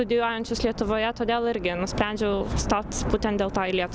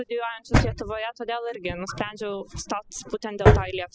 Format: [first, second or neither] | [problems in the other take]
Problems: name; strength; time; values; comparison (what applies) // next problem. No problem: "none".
first | noise reduction (classical method spectral subtraction)